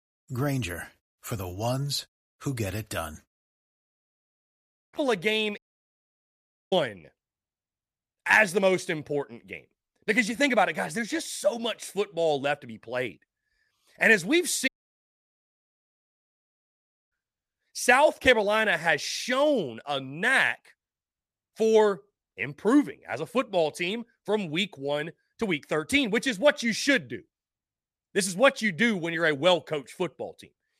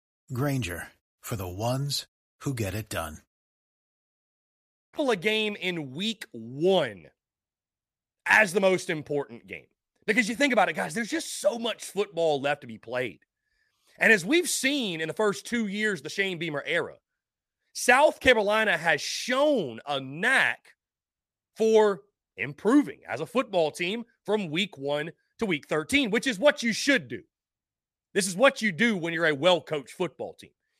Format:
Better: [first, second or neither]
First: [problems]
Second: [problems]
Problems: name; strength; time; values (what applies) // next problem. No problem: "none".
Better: second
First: audio cutting out; at 5.5 s for 1 s and at 15 s for 2.5 s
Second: none